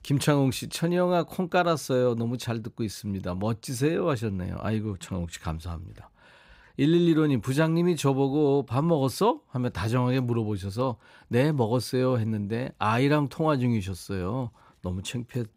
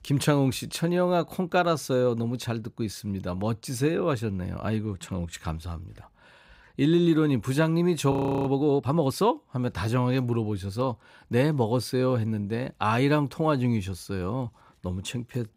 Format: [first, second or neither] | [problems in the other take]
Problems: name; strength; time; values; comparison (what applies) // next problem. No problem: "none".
first | audio freezing; at 8 s